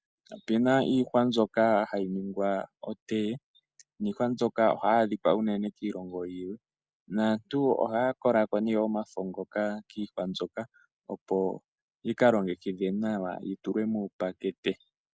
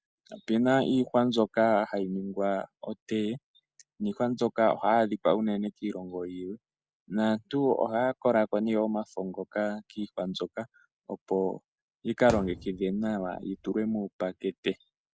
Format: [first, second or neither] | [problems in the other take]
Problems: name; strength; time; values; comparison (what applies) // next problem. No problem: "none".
first | background sound (Thump, thud); 14 dB below the speech